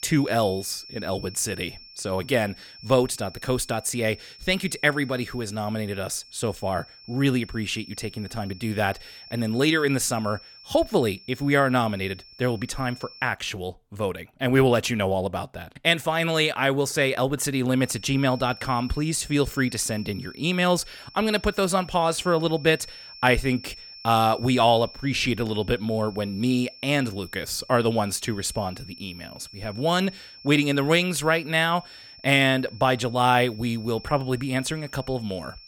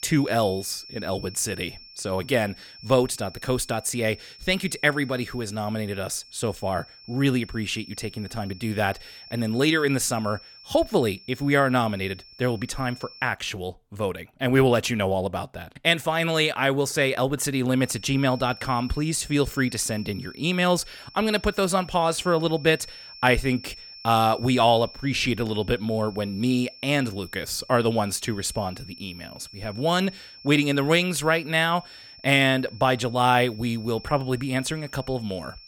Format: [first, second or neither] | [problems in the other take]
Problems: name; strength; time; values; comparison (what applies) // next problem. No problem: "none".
neither | high-pitched whine; noticeable; until 13 s and from 18 s on; 5.5 kHz, 20 dB below the speech; the same in both